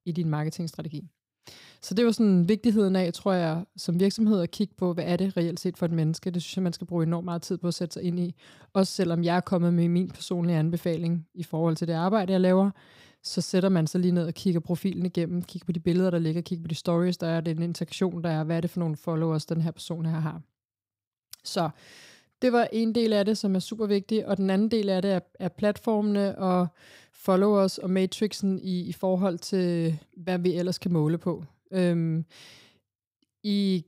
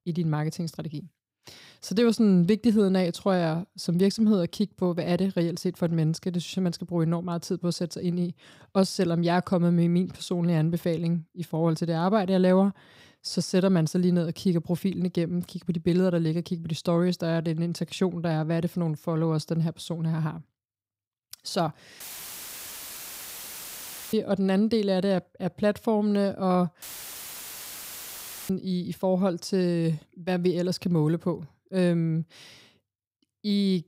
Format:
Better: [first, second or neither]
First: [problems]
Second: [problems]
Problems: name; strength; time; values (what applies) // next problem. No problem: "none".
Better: first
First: none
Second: audio cutting out; filled with static; at 22 s for 2 s and at 27 s for 1.5 s